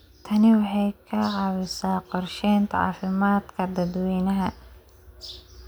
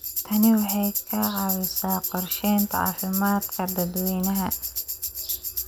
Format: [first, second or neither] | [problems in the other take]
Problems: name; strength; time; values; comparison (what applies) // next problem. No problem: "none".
first | background sound (Tambourine); 5 dB below the speech